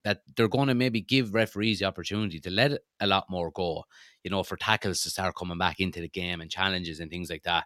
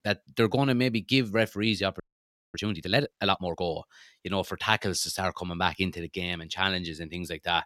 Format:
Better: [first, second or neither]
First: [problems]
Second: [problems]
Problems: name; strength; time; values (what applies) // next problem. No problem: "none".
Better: first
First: none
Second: audio freezing; at 2 s for 0.5 s